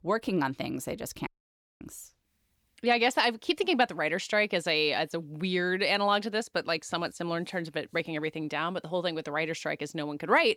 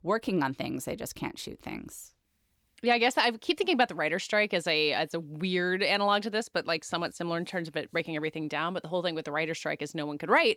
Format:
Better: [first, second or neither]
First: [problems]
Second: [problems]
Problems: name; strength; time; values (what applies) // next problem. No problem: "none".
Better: second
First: audio cutting out; at 1.5 s for 0.5 s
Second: none